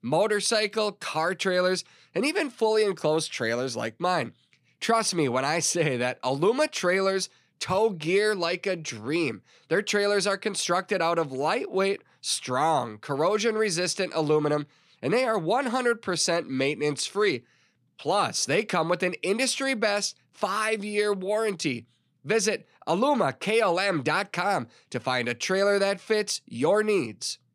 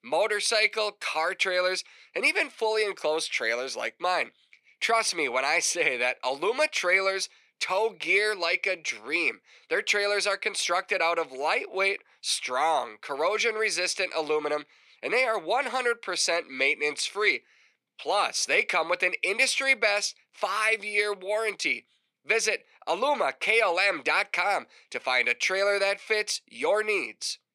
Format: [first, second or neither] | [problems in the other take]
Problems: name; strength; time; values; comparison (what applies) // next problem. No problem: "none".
first | thin; somewhat; fading below 550 Hz